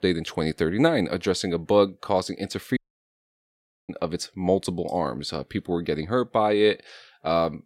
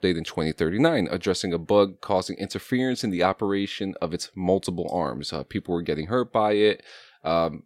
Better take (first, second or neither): second